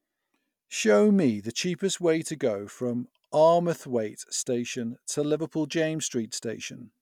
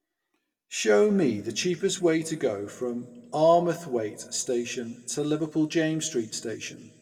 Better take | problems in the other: first | room echo; dies away in 1 s

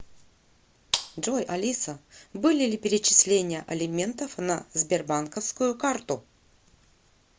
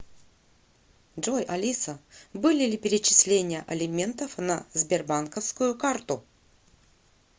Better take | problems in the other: second | background sound (Gunshot, gunfire); 7 dB below the speech

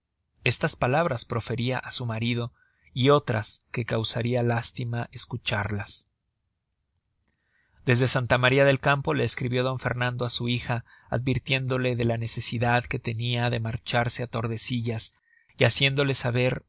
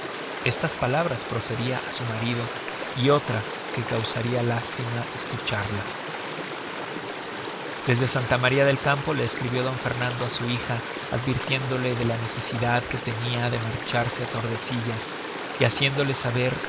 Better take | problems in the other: first | background sound (Stream); 6 dB below the speech

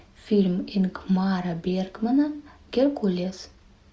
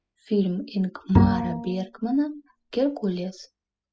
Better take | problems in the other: first | noise reduction (classical method spectral subtraction)

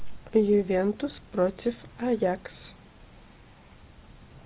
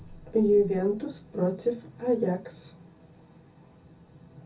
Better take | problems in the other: first | room echo; dies away in 0.3 s

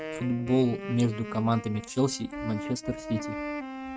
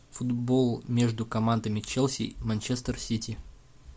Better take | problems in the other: second | noise reduction (neural mask model RNNoise)

